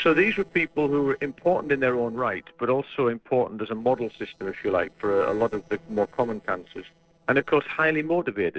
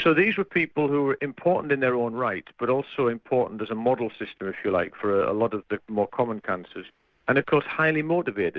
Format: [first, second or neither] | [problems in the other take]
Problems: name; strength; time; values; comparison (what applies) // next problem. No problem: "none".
second | noise reduction (neural separator model SepFormer DNS4)